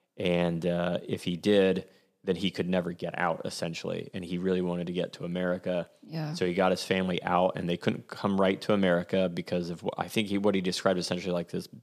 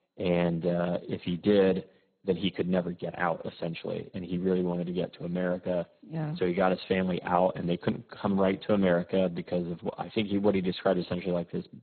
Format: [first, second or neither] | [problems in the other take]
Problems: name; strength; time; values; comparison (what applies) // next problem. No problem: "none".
first | garbled, watery; badly; nothing above 4 kHz